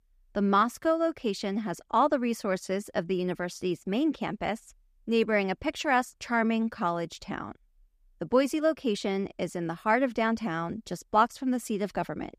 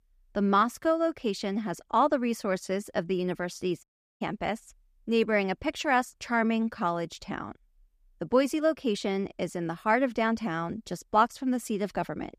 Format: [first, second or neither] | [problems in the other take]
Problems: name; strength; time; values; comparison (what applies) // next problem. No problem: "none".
first | audio cutting out; at 4 s